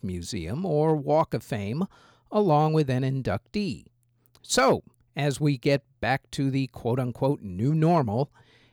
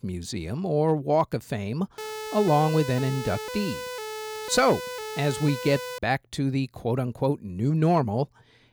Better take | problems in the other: first | siren; noticeable; from 2 to 6 s; peak 8 dB below the speech

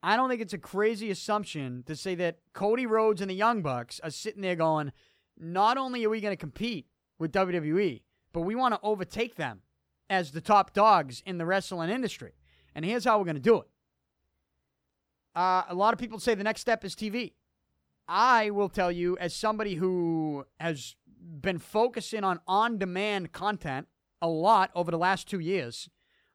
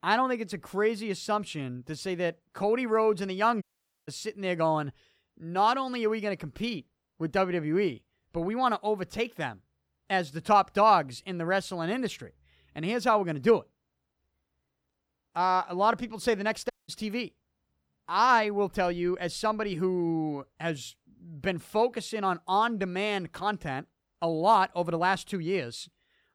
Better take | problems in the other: first | audio cutting out; at 3.5 s and at 17 s

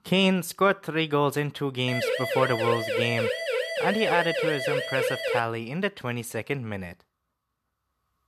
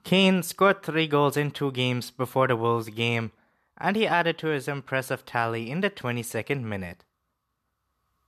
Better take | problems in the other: second | siren; loud; from 2 to 5.5 s; peak level with the speech

